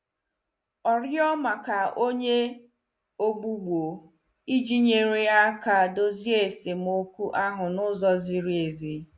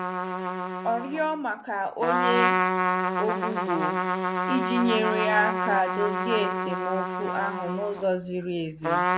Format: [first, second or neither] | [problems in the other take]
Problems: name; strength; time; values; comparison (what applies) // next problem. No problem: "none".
first | background sound (Trumpet); 1 dB above the speech